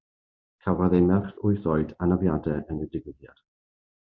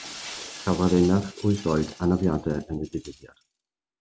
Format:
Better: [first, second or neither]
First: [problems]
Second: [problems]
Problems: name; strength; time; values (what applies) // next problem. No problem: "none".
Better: first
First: none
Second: background sound (Shatter); 17 dB below the speech